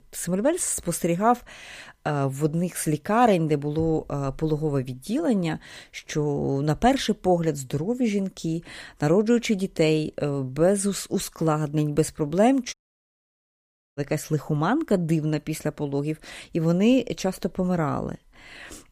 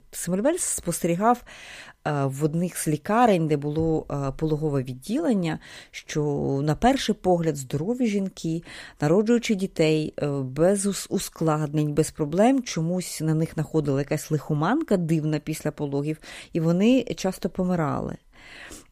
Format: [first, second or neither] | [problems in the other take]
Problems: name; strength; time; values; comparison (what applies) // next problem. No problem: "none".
second | audio cutting out; at 13 s for 1 s